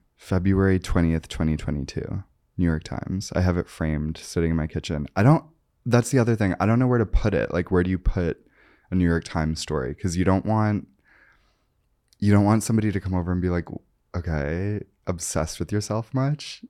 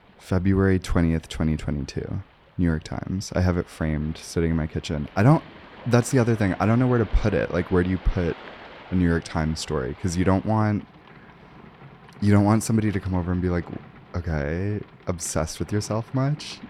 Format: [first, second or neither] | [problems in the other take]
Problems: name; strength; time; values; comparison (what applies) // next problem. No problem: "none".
first | rain or running water; faint; throughout; 20 dB below the speech